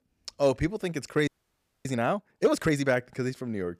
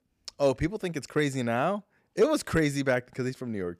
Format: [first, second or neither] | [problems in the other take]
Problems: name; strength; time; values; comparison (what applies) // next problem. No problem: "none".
second | audio freezing; at 1.5 s for 0.5 s